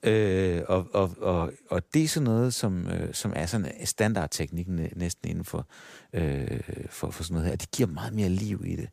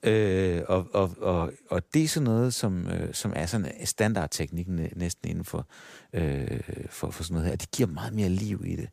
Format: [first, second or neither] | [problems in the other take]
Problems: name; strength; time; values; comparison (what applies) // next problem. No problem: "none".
neither | none